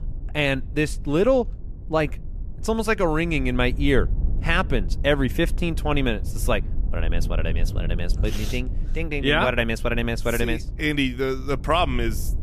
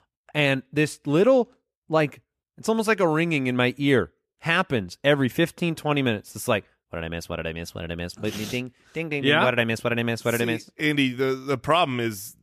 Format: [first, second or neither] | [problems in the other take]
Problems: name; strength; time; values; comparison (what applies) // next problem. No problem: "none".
second | low rumble; faint; throughout; 20 dB below the speech